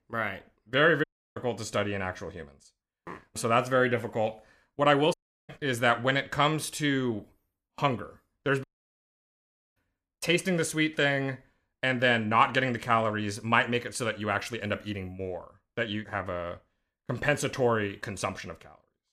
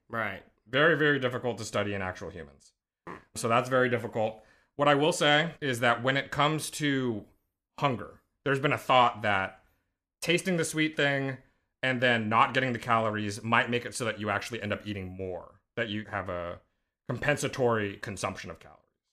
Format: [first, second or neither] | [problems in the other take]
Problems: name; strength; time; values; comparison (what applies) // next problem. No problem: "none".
second | audio cutting out; at 1 s, at 5 s and at 8.5 s for 1 s